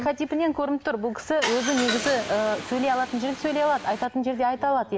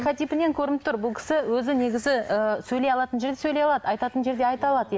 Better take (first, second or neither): second